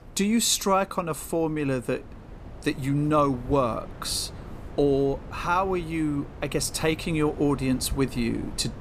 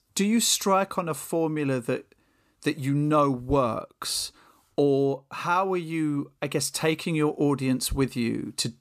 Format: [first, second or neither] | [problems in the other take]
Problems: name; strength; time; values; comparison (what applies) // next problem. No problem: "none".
second | wind noise on the microphone; occasional gusts; 20 dB below the speech